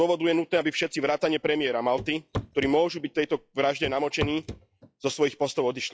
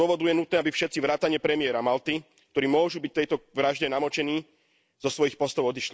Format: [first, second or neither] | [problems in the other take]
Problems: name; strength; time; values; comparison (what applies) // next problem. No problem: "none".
second | noise reduction (classical method log-MMSE)